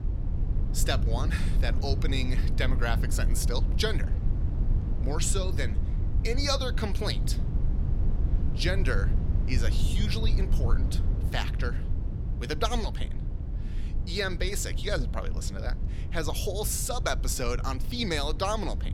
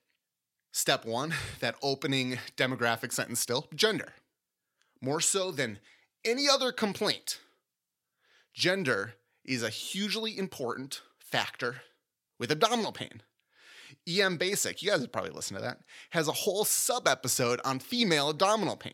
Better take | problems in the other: second | low rumble; noticeable; throughout; 10 dB below the speech

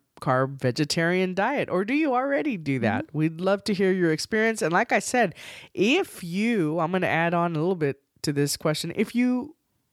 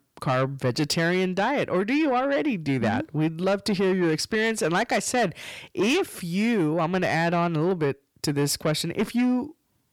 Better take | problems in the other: first | distortion; slight; 10 dB below the speech

